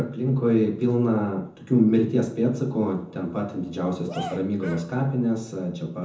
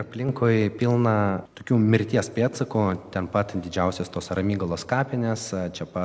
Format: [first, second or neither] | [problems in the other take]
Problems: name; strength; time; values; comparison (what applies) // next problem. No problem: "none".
second | background sound (Cheering); 13 dB below the speech // room echo; dies away in 0.6 s